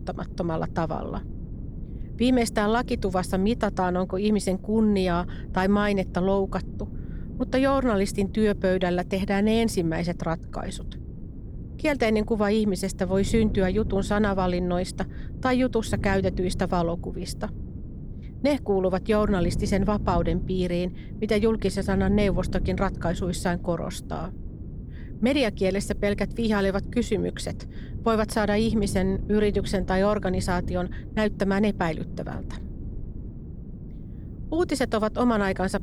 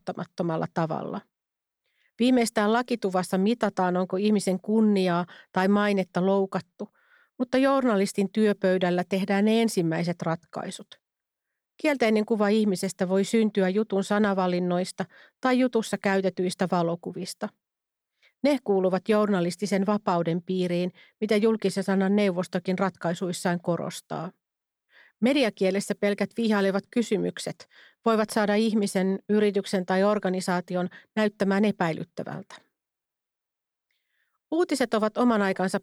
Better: second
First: wind noise on the microphone; occasional gusts; 20 dB below the speech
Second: none

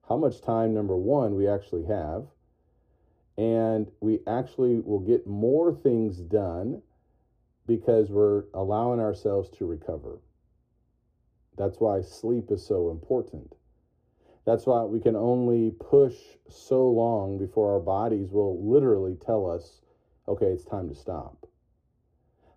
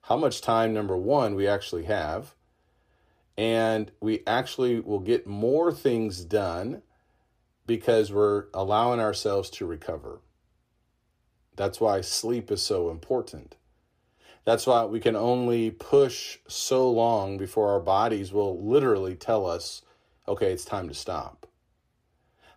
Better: second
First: muffled; very; fading above 1 kHz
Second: none

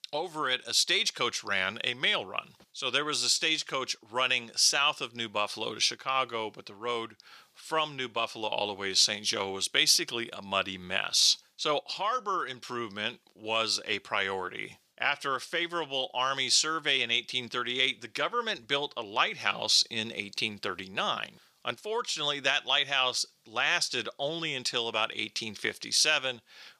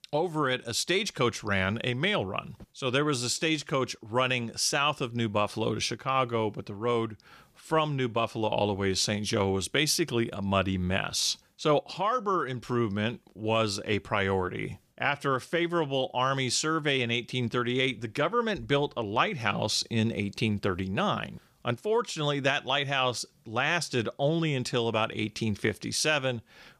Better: second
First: thin; somewhat; fading below 900 Hz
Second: none

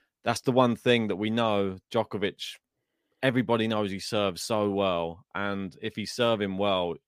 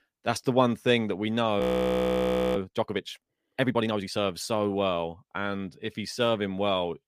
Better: first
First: none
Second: audio freezing; at 1.5 s for 1 s

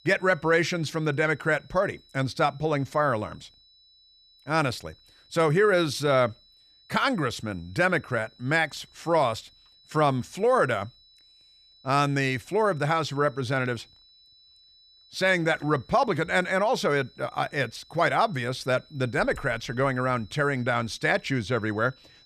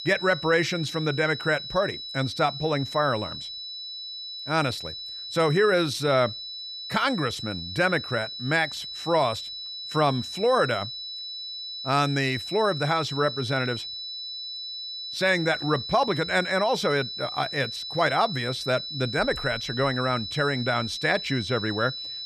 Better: first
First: high-pitched whine; faint; throughout; 4 kHz, 30 dB below the speech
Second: high-pitched whine; loud; throughout; 4 kHz, 7 dB below the speech

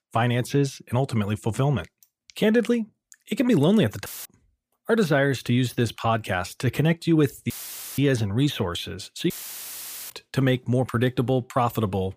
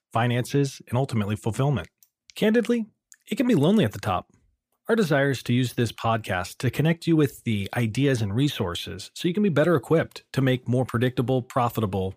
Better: second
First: audio cutting out; filled with static; at 4 s, at 7.5 s and at 9.5 s for 1 s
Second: none

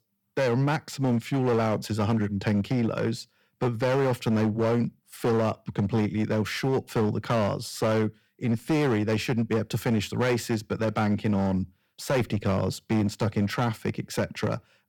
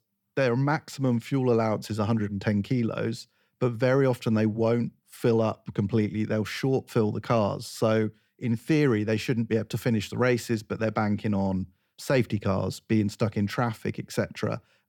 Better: second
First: distortion; slight; 12% of the sound clipped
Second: none

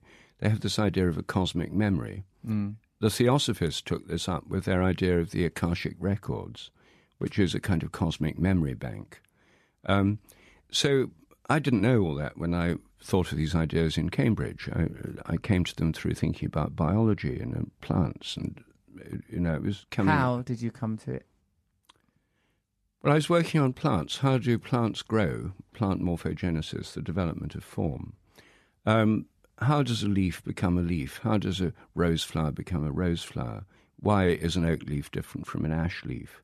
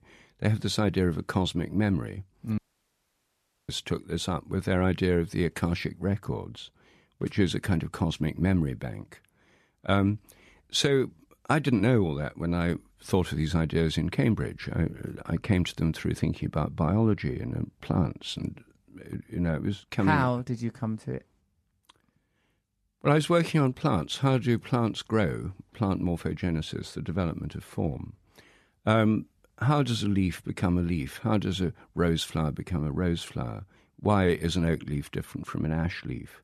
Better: first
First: none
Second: audio cutting out; at 2.5 s for 1 s

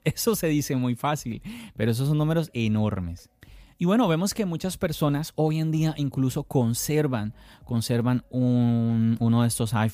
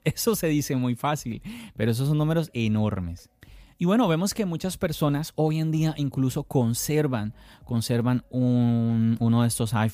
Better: neither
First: none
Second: none

